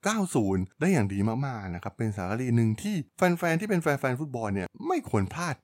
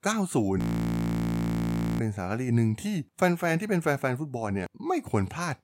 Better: first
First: none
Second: audio freezing; at 0.5 s for 1.5 s

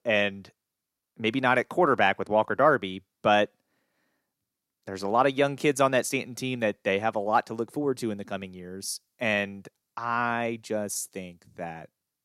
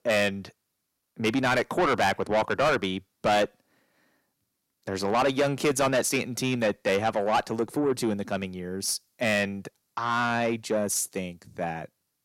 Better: first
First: none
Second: distortion; heavy; 6 dB below the speech

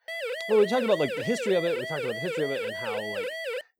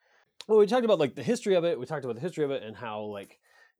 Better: second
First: siren; noticeable; peak 4 dB below the speech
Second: none

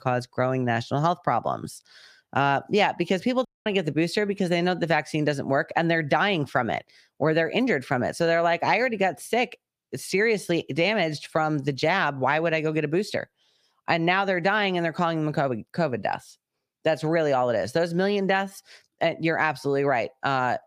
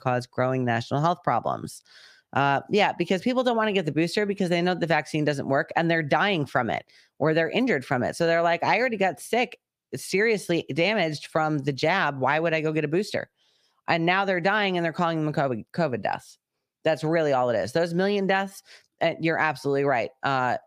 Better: second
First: audio cutting out; at 3.5 s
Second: none

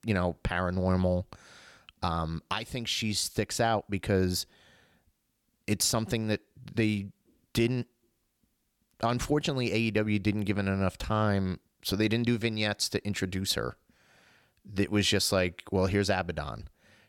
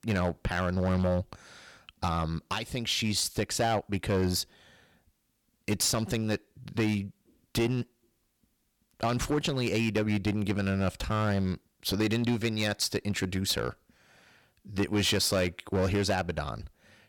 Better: first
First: none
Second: distortion; slight; 7% of the sound clipped

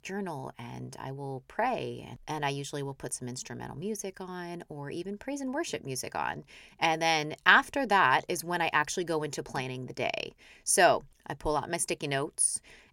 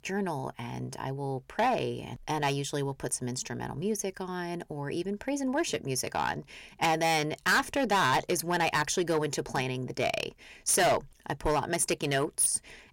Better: first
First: none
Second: distortion; heavy; 6% of the sound clipped

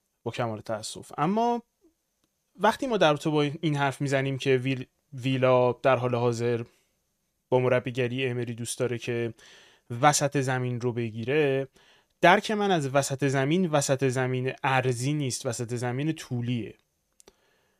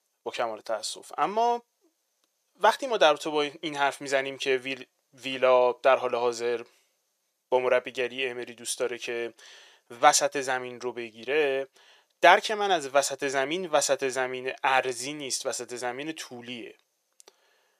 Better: first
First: none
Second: thin; very; fading below 550 Hz

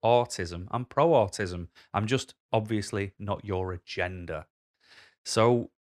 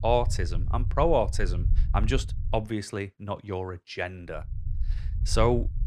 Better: first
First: none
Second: low rumble; noticeable; until 2.5 s and from 4.5 s on; 20 dB below the speech

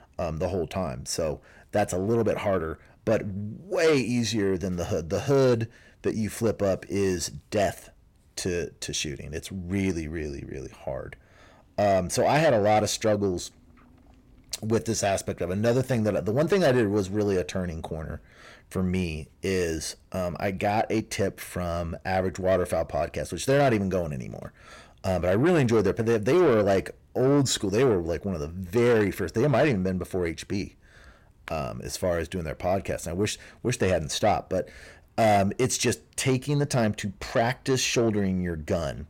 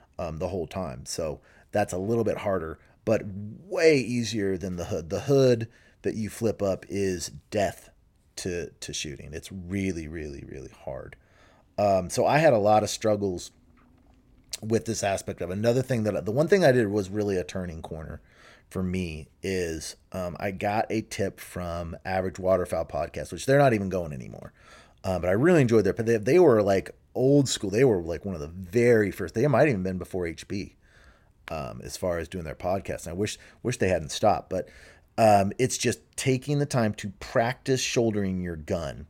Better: second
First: distortion; slight; 10 dB below the speech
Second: none

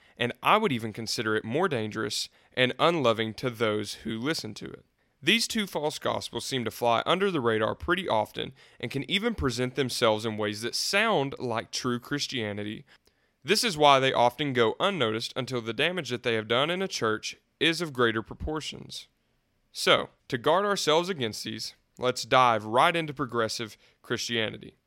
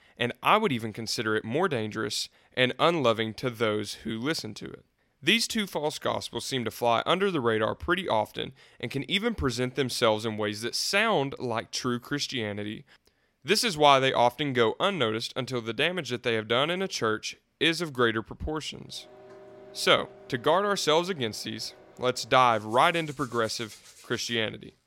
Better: first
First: none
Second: household noises; faint; from 19 s on; 25 dB below the speech

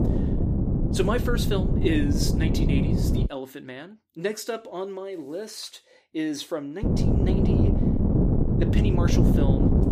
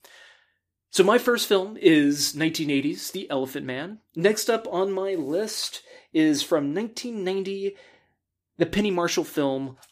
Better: second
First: wind noise on the microphone; heavy; until 3.5 s and from 7 s on; 1 dB above the speech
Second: none

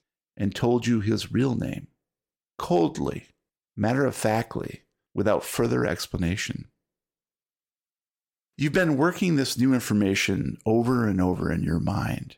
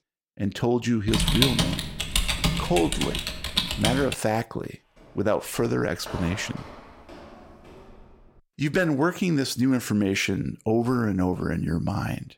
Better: first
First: none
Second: keyboard typing; loud; from 1 to 4 s; peak 4 dB above the speech // footsteps; faint; from 5 to 8.5 s; peak 10 dB below the speech

